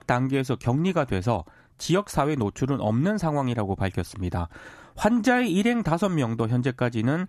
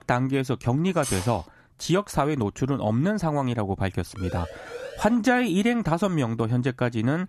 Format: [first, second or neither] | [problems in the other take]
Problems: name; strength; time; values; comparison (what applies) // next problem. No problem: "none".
first | clattering dishes; noticeable; at 1 s; peak 7 dB below the speech // siren; faint; at 4 s; peak 15 dB below the speech